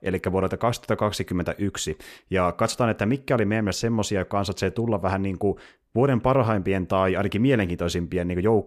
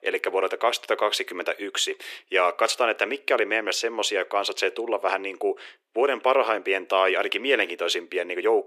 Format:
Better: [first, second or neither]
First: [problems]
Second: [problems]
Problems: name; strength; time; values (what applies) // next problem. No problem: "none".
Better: first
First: none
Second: thin; very; fading below 350 Hz